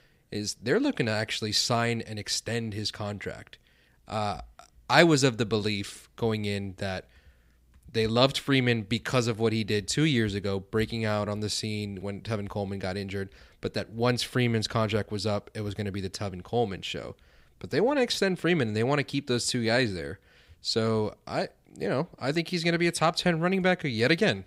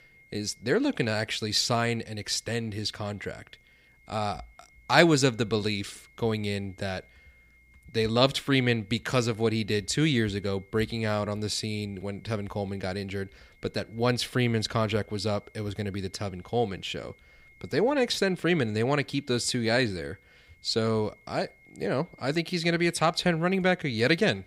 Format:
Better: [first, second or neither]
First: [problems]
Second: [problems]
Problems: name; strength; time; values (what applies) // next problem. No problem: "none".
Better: first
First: none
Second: high-pitched whine; faint; throughout; 2 kHz, 30 dB below the speech